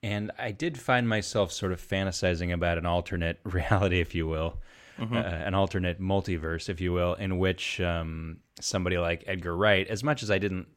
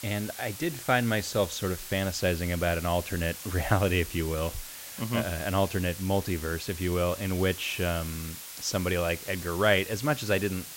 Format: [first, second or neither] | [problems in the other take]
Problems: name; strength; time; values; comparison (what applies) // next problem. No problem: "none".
first | hiss; noticeable; throughout; 10 dB below the speech